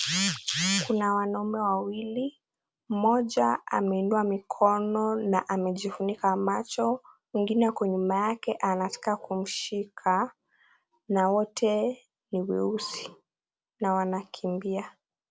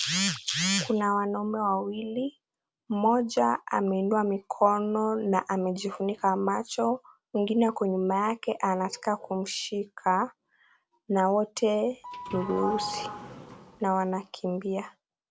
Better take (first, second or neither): first